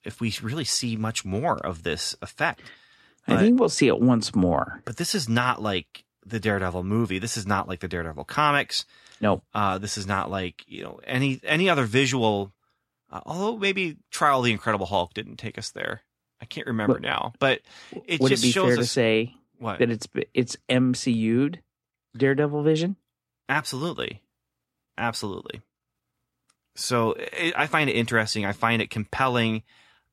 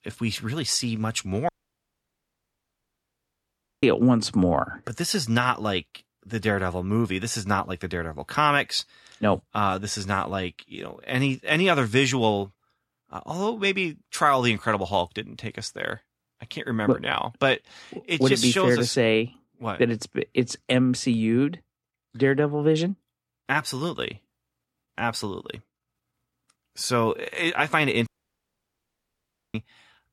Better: first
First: none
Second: audio cutting out; at 1.5 s for 2.5 s and at 28 s for 1.5 s

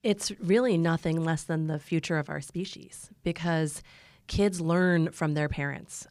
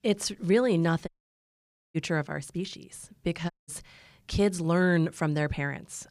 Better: first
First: none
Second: audio cutting out; at 1 s for 1 s and at 3.5 s

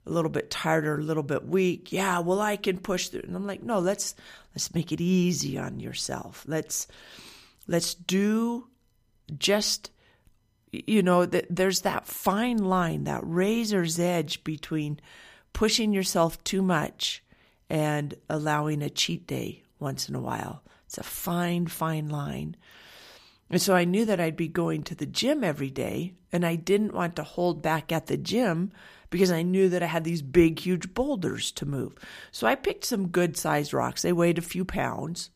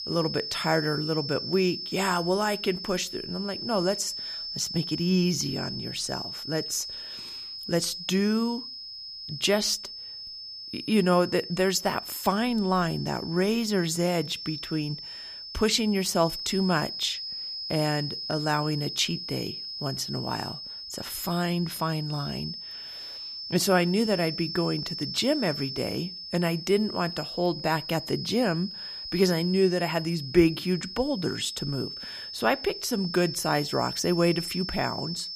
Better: first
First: none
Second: high-pitched whine; loud; throughout; 5.5 kHz, 7 dB below the speech

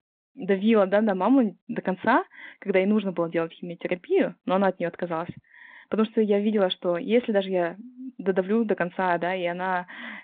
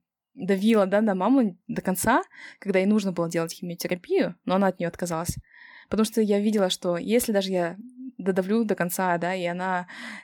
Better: second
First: phone-call audio; nothing above 3.5 kHz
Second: none

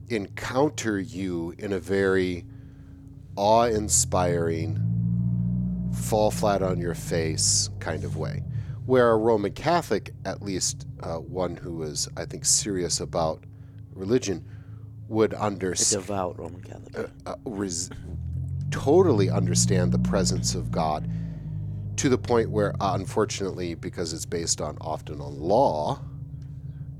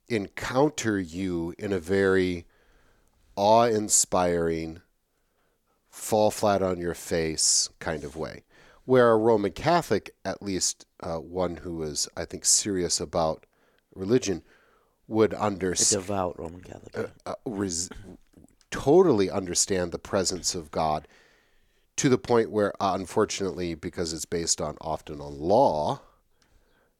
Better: second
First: low rumble; noticeable; throughout; 15 dB below the speech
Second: none

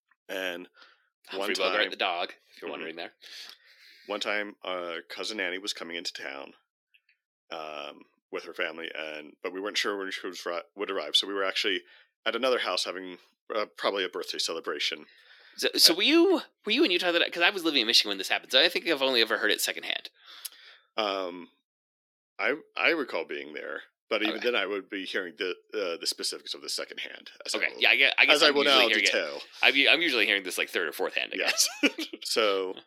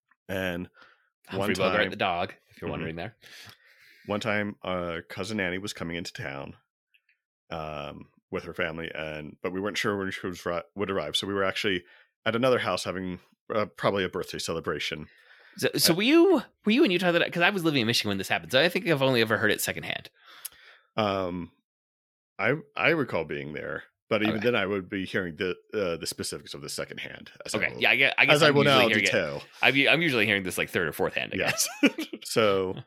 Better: second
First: thin; very slightly; fading below 300 Hz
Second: none

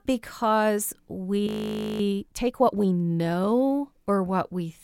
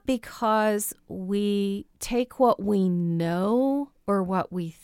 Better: second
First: audio freezing; at 1.5 s for 0.5 s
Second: none

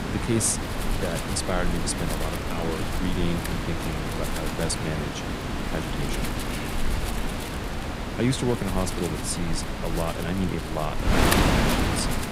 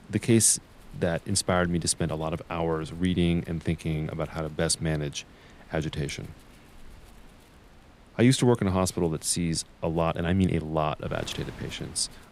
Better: second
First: wind noise on the microphone; heavy; 2 dB above the speech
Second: wind noise on the microphone; occasional gusts; 25 dB below the speech

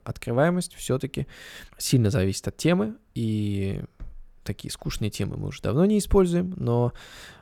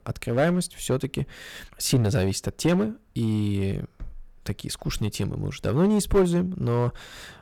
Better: first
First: none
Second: distortion; slight; 4% of the sound clipped

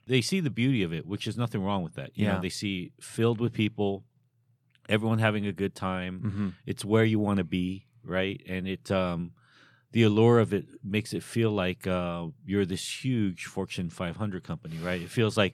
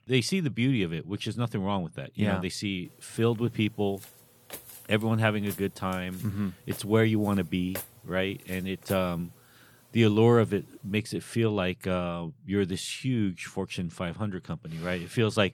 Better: first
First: none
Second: footsteps; noticeable; from 4 to 9 s; peak 10 dB below the speech

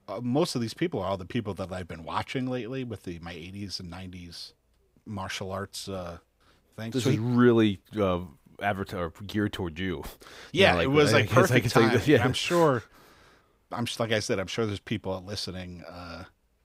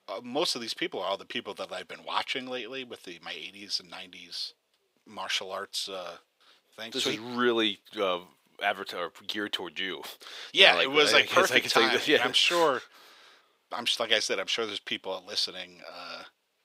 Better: first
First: none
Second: thin; somewhat; fading below 450 Hz

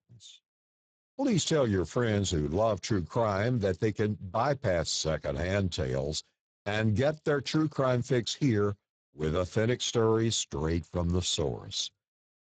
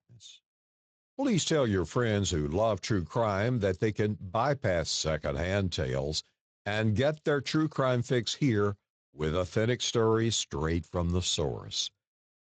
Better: second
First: garbled, watery; badly; nothing above 7.5 kHz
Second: garbled, watery; slightly; nothing above 7.5 kHz

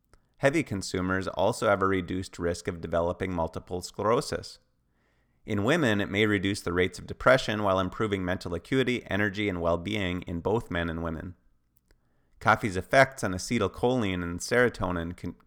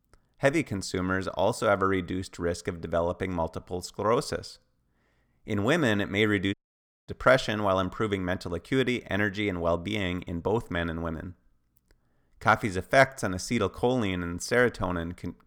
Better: first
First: none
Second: audio cutting out; at 6.5 s for 0.5 s

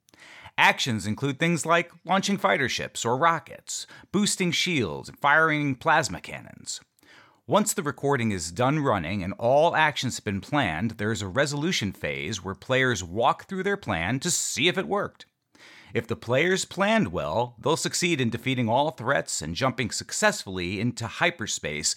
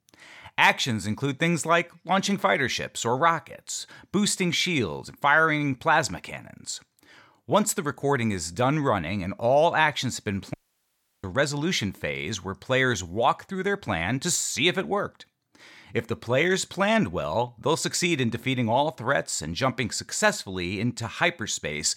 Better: first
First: none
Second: audio cutting out; at 11 s for 0.5 s

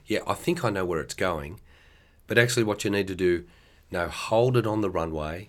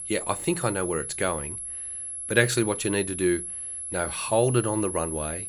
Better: first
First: none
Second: high-pitched whine; loud; throughout; 11 kHz, 5 dB below the speech

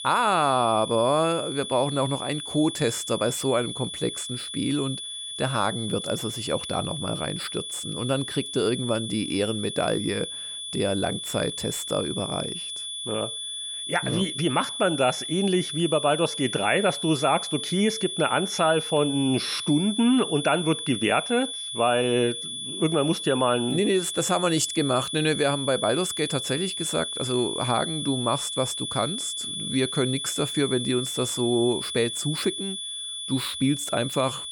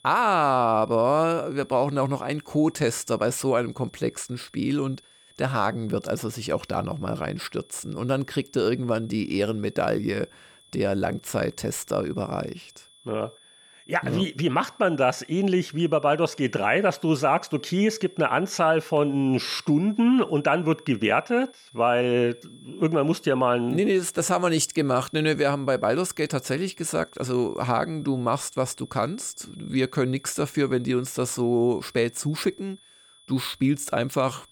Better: second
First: high-pitched whine; loud; throughout; 3.5 kHz, 5 dB below the speech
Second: high-pitched whine; faint; throughout; 3.5 kHz, 30 dB below the speech

